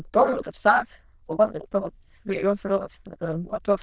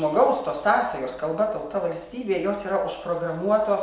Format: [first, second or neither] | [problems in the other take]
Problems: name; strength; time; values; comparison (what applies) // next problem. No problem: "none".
second | noise reduction (neural diffusion model UNIVERSE++)